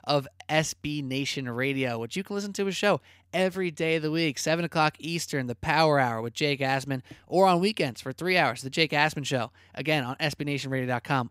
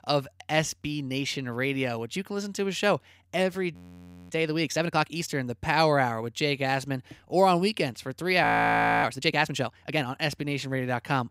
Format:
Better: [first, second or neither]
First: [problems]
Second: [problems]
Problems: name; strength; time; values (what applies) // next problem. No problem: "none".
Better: first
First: none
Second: audio freezing; at 3.5 s for 0.5 s and at 8.5 s for 0.5 s